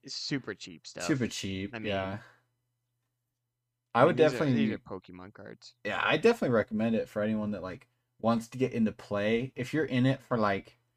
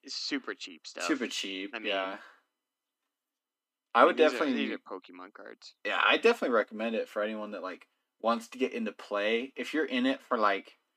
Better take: first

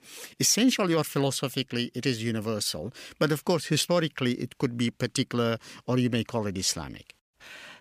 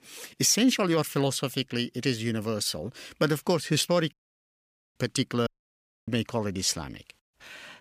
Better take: first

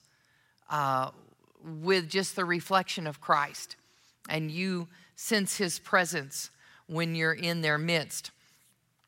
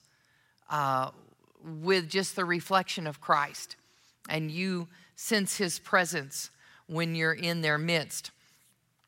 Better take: neither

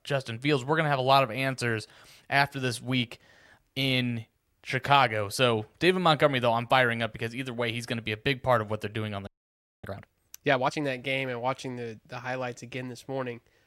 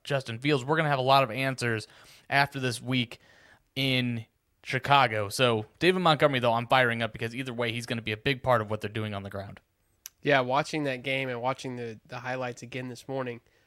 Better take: second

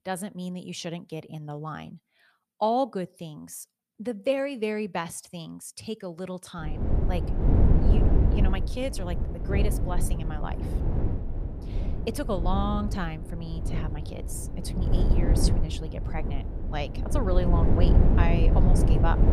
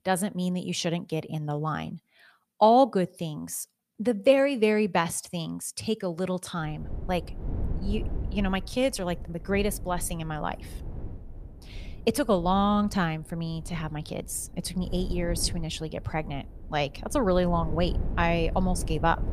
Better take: second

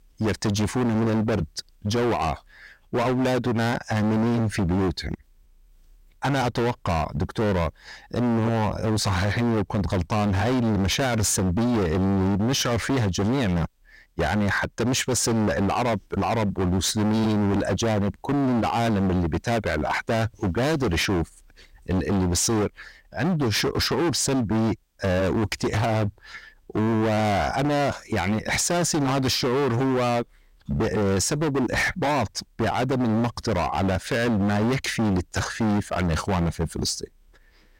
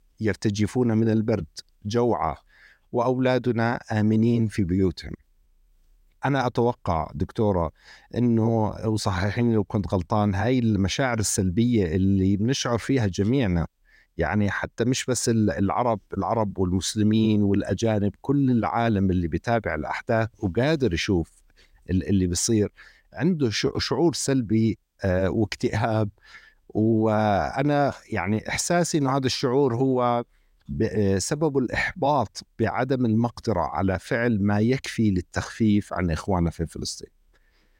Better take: second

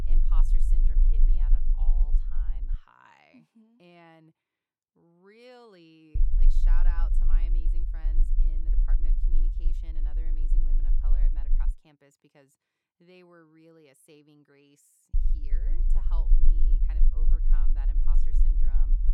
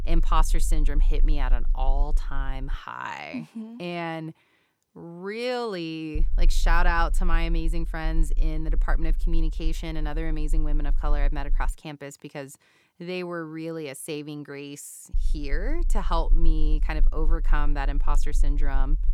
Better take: second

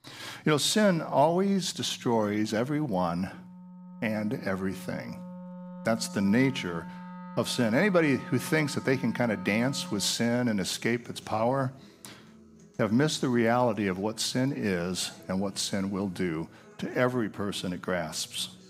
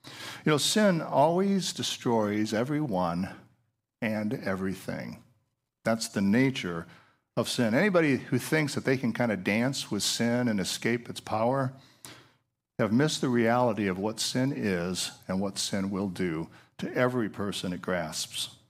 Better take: second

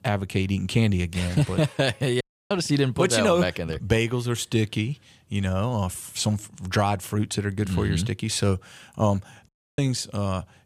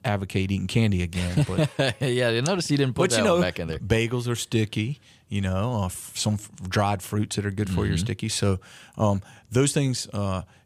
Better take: second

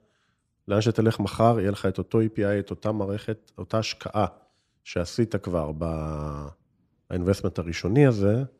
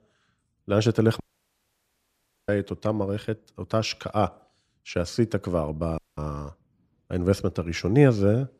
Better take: first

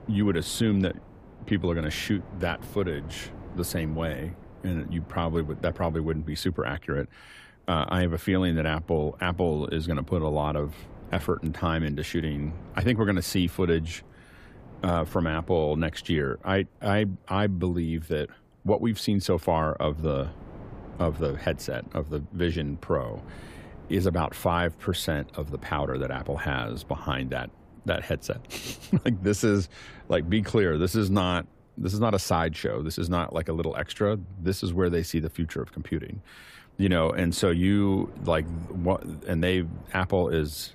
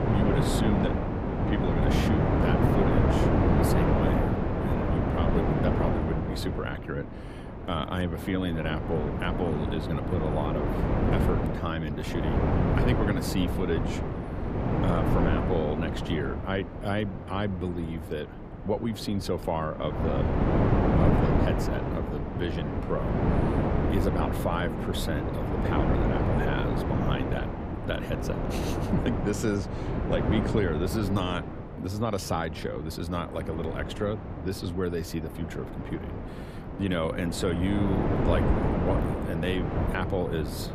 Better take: first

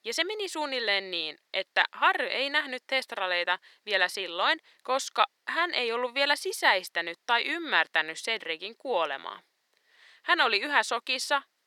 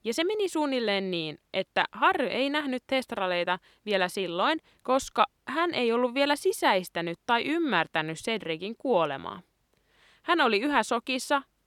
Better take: second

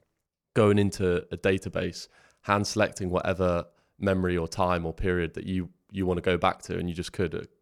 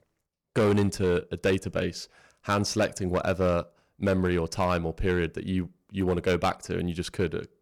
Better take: first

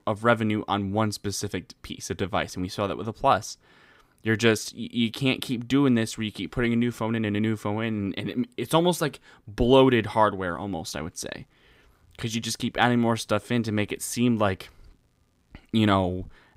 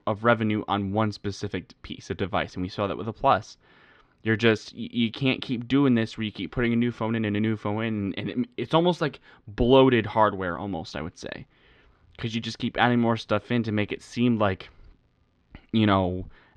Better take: first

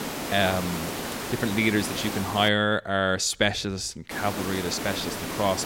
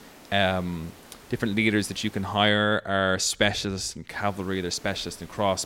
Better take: second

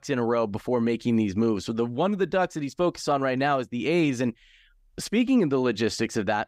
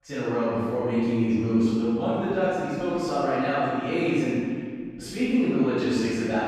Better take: first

